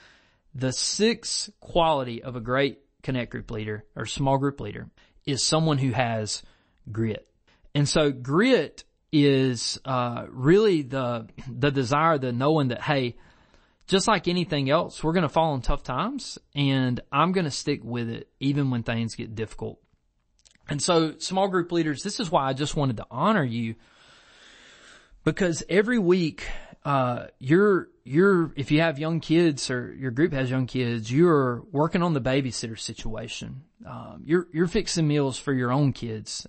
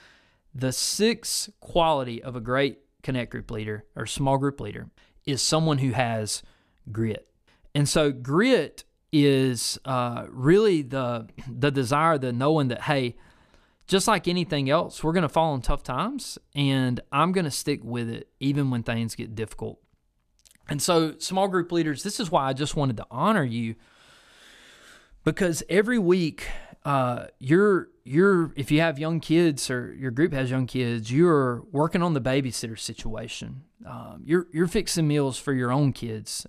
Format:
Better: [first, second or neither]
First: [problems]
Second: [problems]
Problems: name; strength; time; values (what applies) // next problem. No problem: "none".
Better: second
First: garbled, watery; slightly; nothing above 8 kHz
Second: none